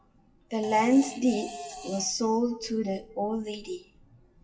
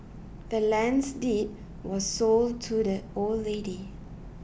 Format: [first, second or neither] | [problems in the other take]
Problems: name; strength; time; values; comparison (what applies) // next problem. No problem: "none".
second | noise reduction (classical method WPE with log-MMSE)